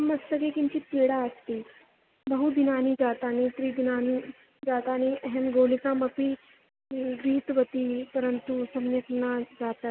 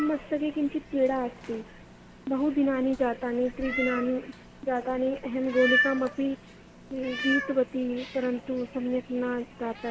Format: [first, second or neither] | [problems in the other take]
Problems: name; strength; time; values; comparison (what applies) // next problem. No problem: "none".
first | background sound (Meow); 8 dB below the speech